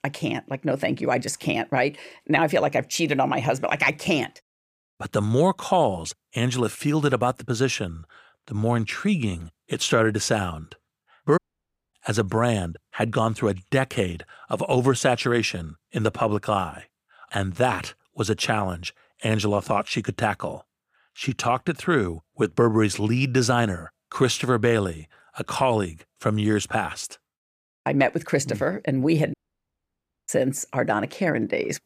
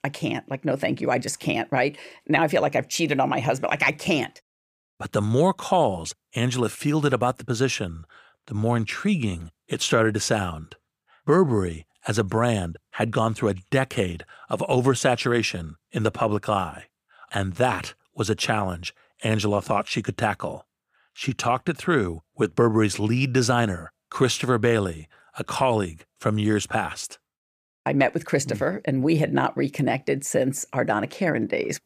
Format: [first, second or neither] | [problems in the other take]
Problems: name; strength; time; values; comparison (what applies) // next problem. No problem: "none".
second | audio cutting out; at 11 s for 0.5 s and at 29 s for 1 s